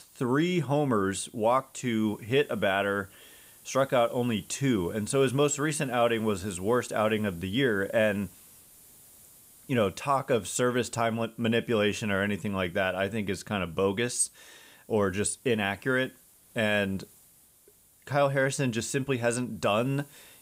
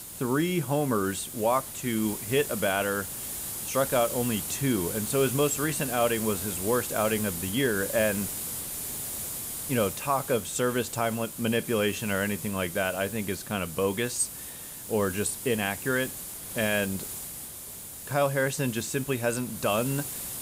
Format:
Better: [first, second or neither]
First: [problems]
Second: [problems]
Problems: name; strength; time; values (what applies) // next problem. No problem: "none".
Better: first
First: hiss; faint; throughout; 25 dB below the speech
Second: hiss; loud; throughout; 6 dB below the speech